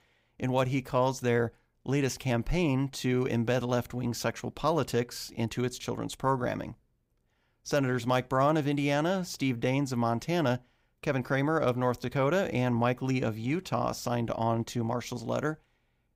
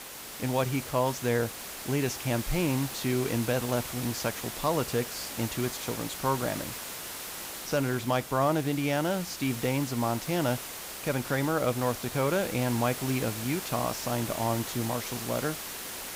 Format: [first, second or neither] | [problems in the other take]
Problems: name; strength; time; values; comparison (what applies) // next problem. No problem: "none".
first | hiss; loud; throughout; 7 dB below the speech